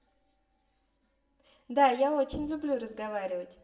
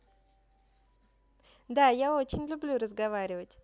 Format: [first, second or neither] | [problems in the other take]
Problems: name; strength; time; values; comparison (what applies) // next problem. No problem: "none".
second | room echo; dies away in 0.7 s